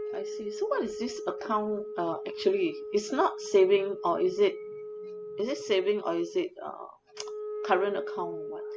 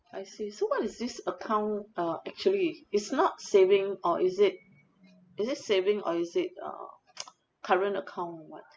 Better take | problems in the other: second | background sound (Wind instrument, woodwind instrument); 9 dB below the speech

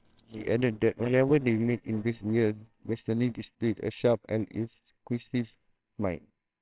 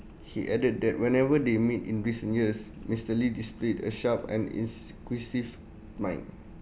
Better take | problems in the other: second | noise reduction (neural separator model SepFormer WHAMR!)

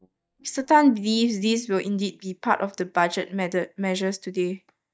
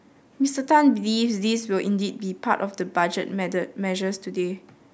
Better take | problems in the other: second | noise reduction (neural mask model DeepFilterNet 3)

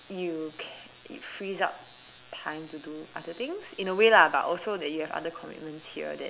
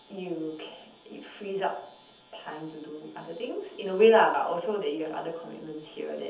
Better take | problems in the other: first | room echo; dies away in 0.7 s

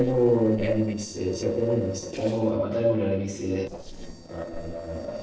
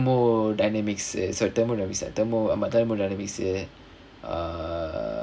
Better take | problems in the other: second | noise reduction (neural separator model SepFormer DNS4)

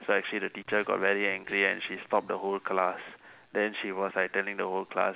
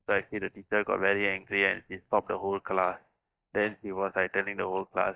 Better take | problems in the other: first | noise reduction (neural mask model DeepFilterNet 3)

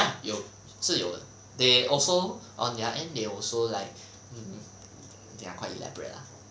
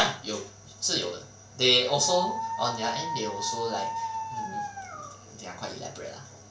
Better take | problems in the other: first | background sound (Dog); 4 dB below the speech // room echo; dies away in 0.2 s

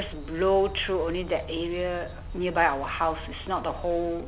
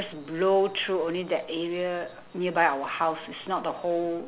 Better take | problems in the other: second | background sound (Motorcycle); 12 dB below the speech

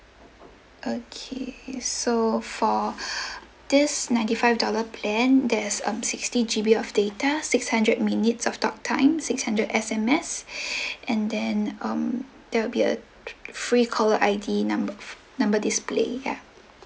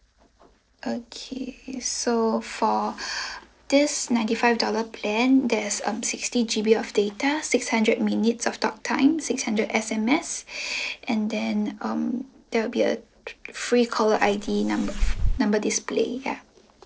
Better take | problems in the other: first | noise reduction (neural separator model SepFormer DNS4)

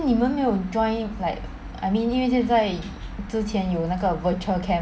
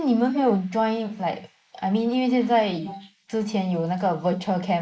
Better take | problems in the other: first | noise reduction (neural mask model Resemble Enhance denoiser)

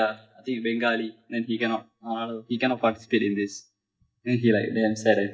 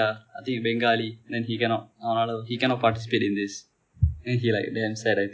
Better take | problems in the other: second | noise reduction (neural mask model DeepFilterNet 3)

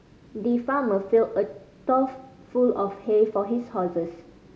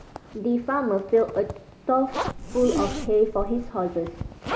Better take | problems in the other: first | background sound (Zipper (clothing) + Zipper (clothing)); 8 dB below the speech

